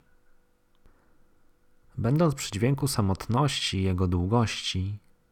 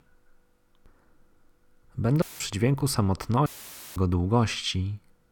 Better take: first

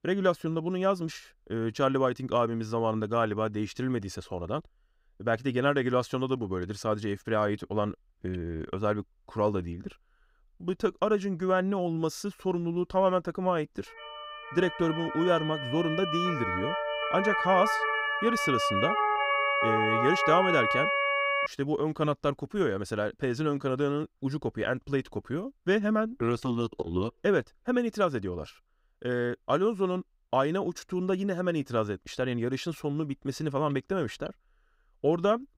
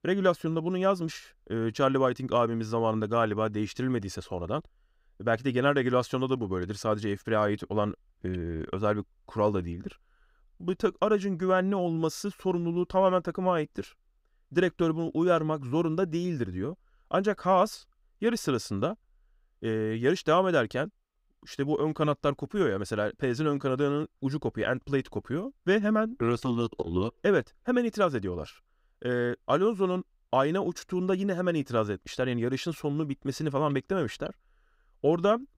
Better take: second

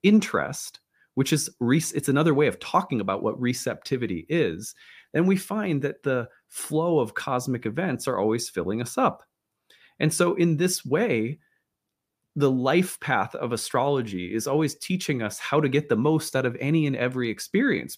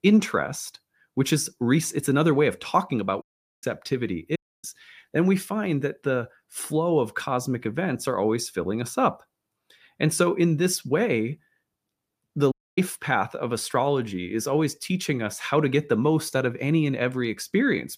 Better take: first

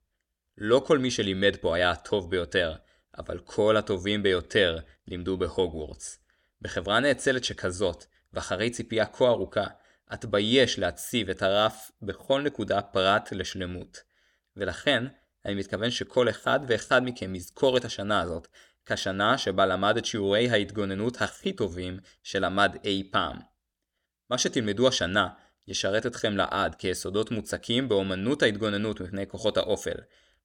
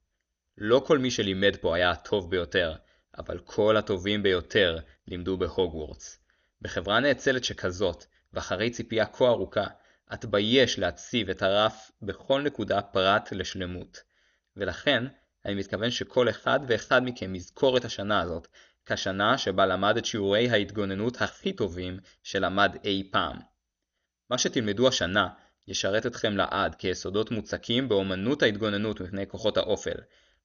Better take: first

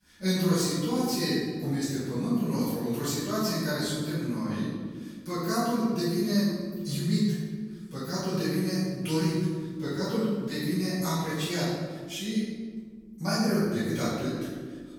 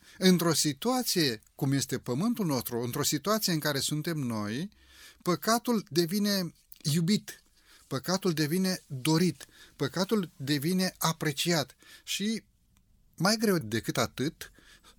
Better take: second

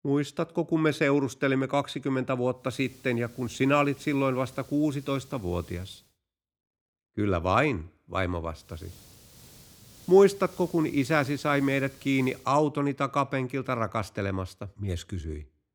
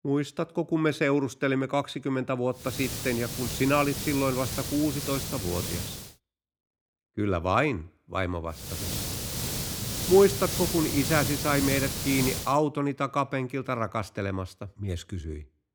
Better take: first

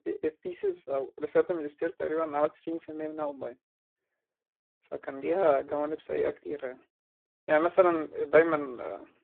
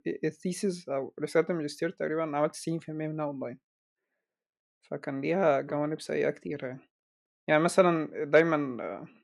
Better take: second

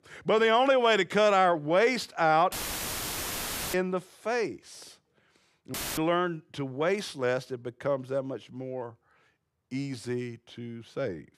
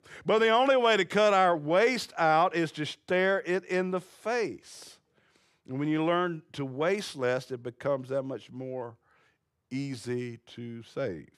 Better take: second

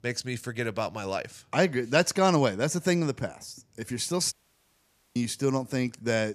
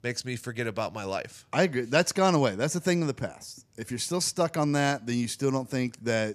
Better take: second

